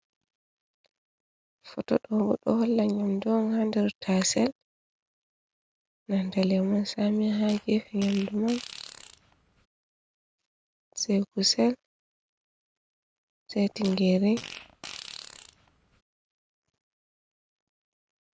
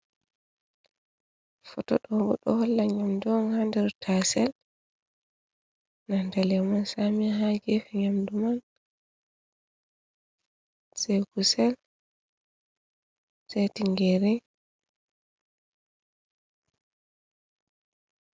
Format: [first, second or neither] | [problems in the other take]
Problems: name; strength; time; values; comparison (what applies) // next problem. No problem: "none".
second | background sound (Fart); 15 dB below the speech